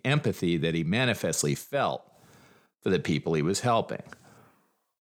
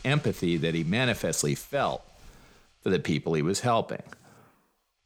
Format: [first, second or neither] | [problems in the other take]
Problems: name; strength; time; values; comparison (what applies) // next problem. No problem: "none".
first | household noises; faint; throughout; 25 dB below the speech